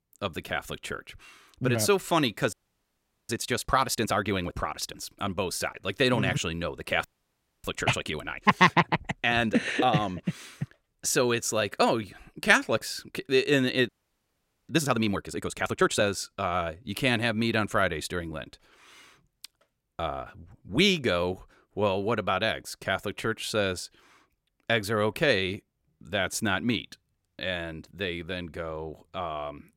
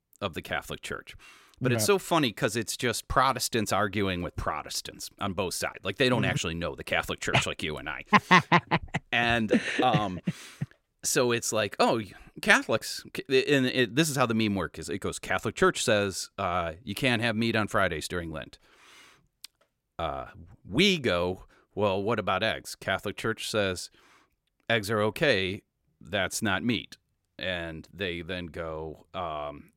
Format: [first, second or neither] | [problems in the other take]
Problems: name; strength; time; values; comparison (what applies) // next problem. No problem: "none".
second | audio freezing; at 2.5 s for 1 s, at 7 s for 0.5 s and at 14 s for 1 s